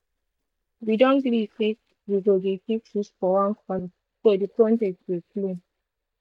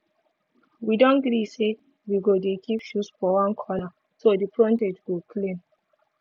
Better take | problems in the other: second | noise reduction (neural mask model DeepFilterNet 3)

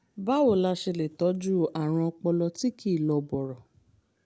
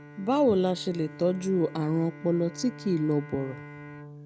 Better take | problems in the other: first | background sound (Bowed string instrument); 16 dB below the speech

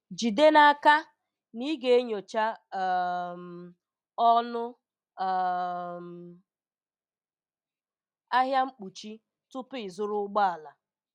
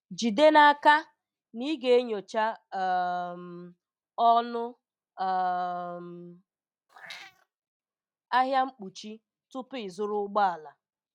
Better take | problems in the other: first | noise reduction (neural mask model RNNoise)

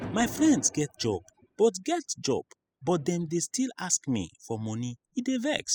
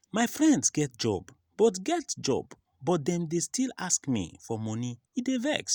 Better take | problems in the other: second | noise reduction (classical method spectral subtraction)

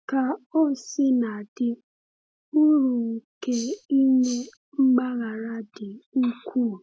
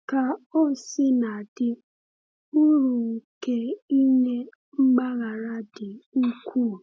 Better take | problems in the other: second | background sound (Tambourine); 15 dB below the speech

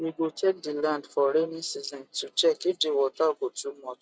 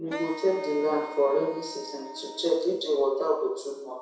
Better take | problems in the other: first | background sound (Wind instrument, woodwind instrument); 14 dB below the speech // room echo; dies away in 0.7 s

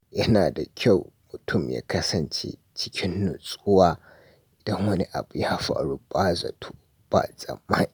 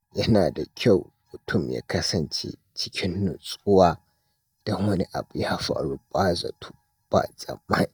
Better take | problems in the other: first | noise reduction (neural mask model DeepFilterNet 3)

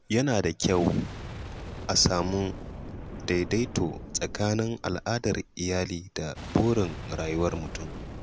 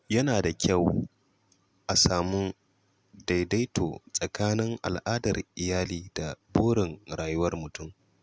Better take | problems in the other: second | background sound (Boom); 11 dB below the speech

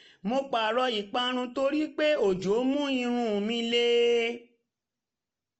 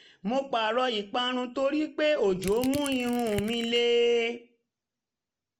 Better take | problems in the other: first | background sound (Crushing); 14 dB below the speech

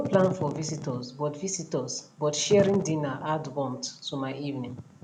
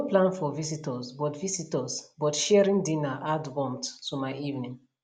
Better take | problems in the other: second | background sound (Wind / Fire); 10 dB below the speech

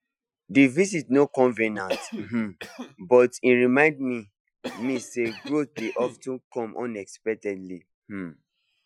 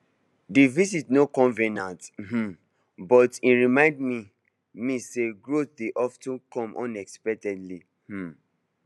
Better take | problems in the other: second | noise reduction (classical method Wiener filter)

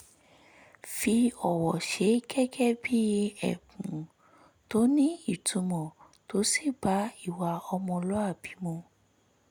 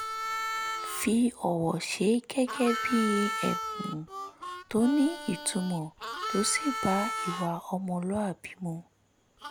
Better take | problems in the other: first | background sound (Harmonica); 7 dB below the speech

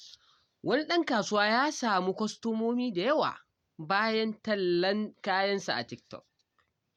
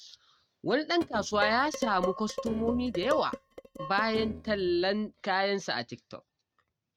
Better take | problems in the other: first | noise reduction (neural mask model RNNoise)

